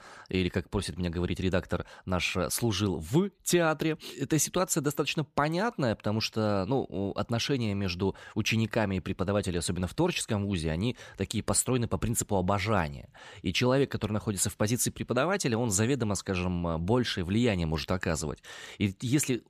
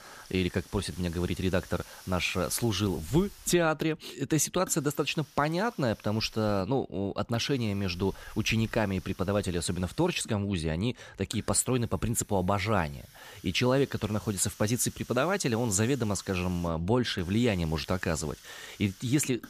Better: first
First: none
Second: hiss; faint; throughout; 20 dB below the speech

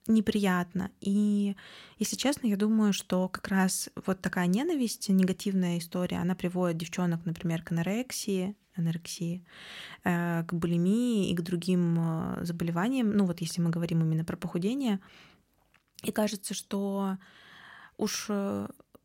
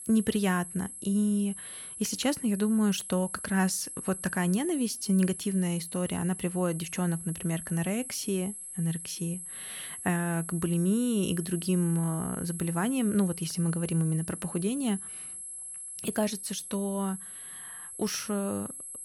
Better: first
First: none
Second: high-pitched whine; loud; throughout; 11 kHz, 9 dB below the speech

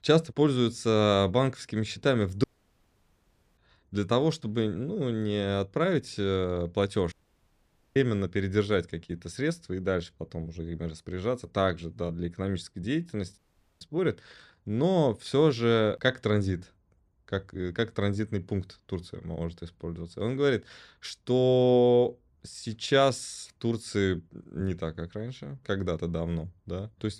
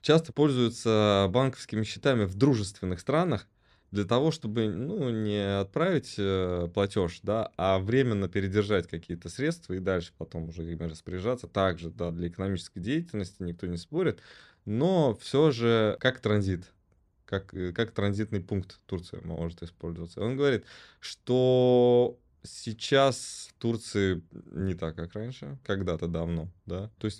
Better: second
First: audio cutting out; at 2.5 s for 1 s, at 7 s for 1 s and at 13 s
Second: none

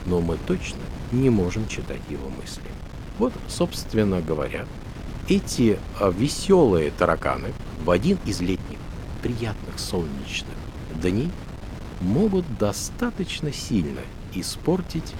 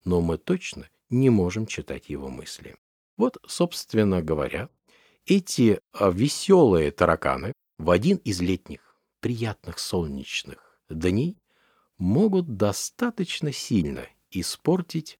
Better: second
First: wind noise on the microphone; occasional gusts; 15 dB below the speech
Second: none

